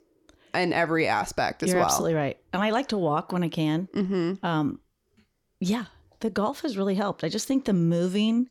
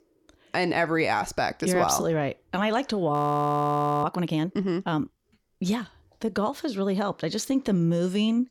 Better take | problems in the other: first | audio freezing; at 3 s for 1 s

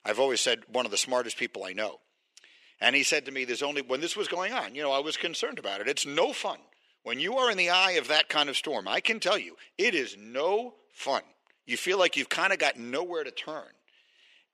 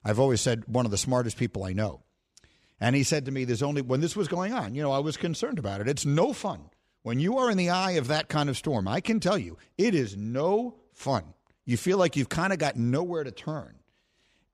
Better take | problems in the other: second | thin; somewhat; fading below 350 Hz

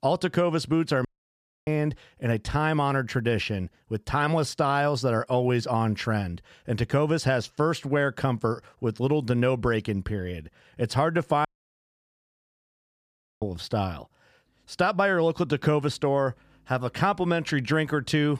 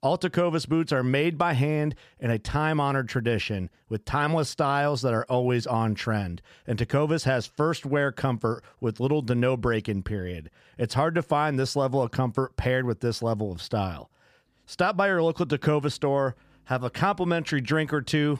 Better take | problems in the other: second | audio cutting out; at 1 s for 0.5 s and at 11 s for 2 s

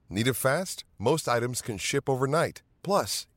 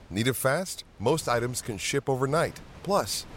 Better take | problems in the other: first | wind noise on the microphone; occasional gusts; 25 dB below the speech

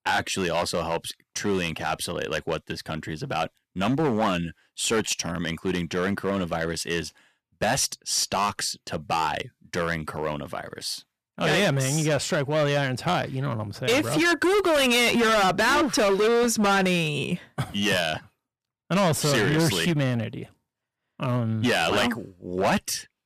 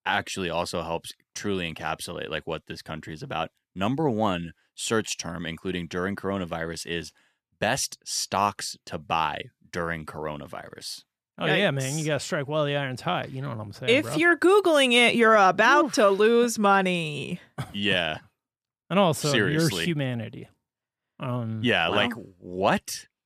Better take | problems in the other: second | distortion; heavy; 12% of the sound clipped

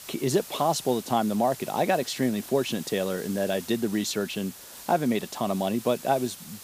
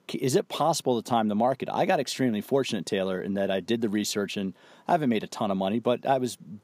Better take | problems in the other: second | hiss; noticeable; throughout; 15 dB below the speech

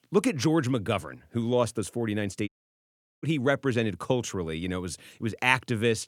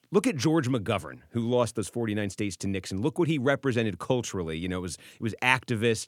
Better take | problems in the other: second | audio cutting out; at 2.5 s for 0.5 s

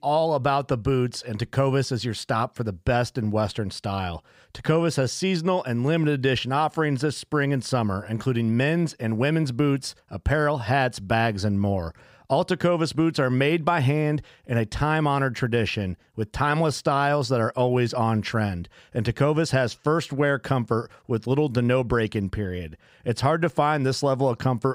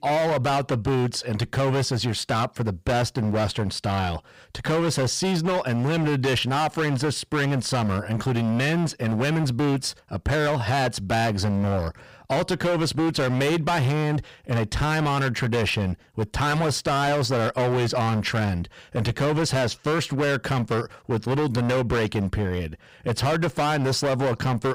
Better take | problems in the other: first | distortion; heavy; 25% of the sound clipped

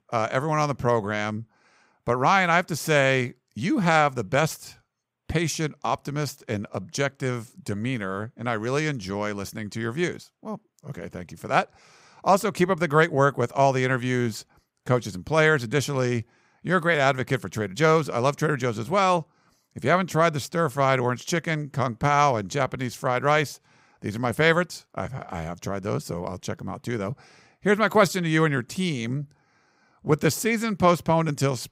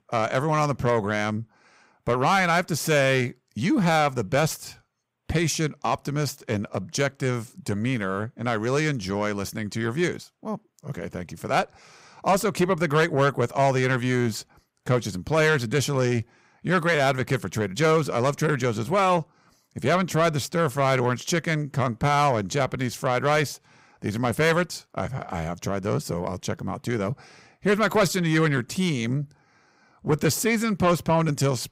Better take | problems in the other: first | distortion; slight; 10 dB below the speech

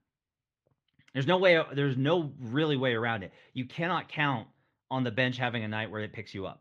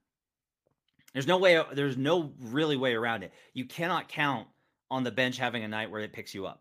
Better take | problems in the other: second | muffled; very slightly; fading above 3.5 kHz

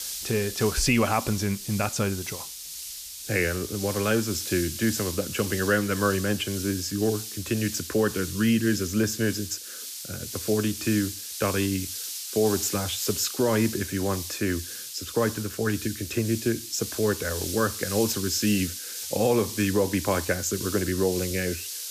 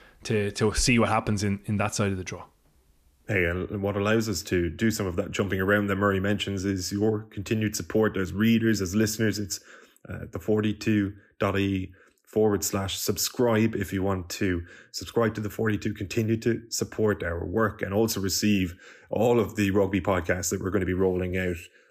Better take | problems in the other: second | hiss; loud; throughout; 7 dB below the speech

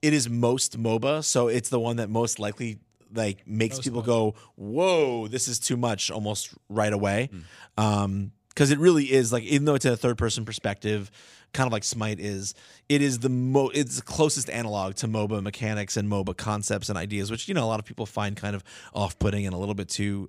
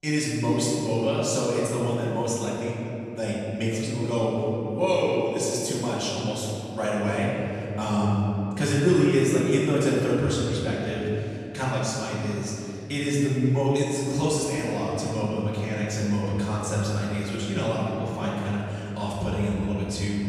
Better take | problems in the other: first | off-mic speech; far // room echo; strong; dies away in 2.9 s

